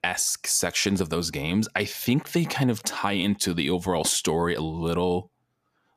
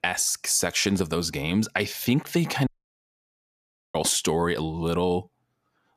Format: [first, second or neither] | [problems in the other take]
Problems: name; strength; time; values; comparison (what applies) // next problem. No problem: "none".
first | audio cutting out; at 2.5 s for 1.5 s